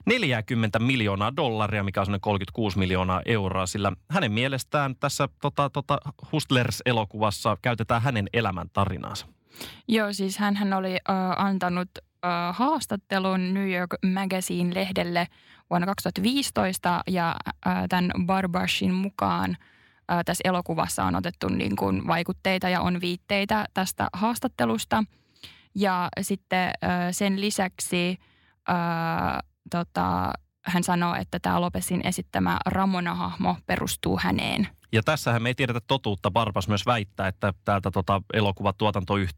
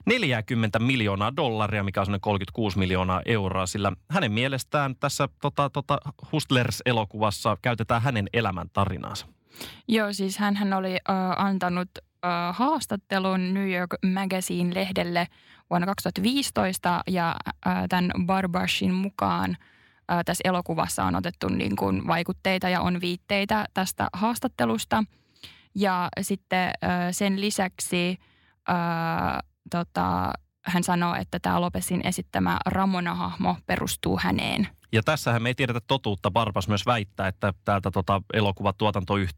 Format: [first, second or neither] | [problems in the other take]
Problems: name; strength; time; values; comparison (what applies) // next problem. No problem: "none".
neither | none